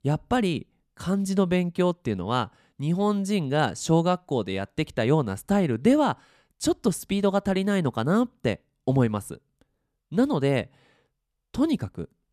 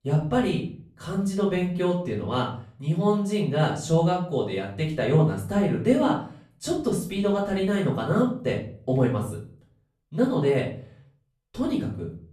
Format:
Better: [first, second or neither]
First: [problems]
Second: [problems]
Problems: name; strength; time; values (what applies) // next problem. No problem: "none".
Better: first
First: none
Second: room echo; slight; dies away in 0.4 s // off-mic speech; far